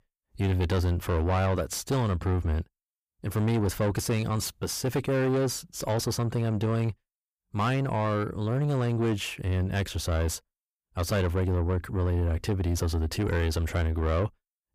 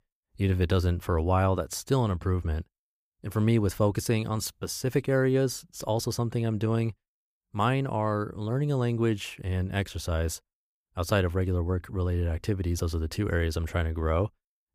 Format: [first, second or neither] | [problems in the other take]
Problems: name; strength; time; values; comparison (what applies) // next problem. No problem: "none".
second | distortion; slight; 10 dB below the speech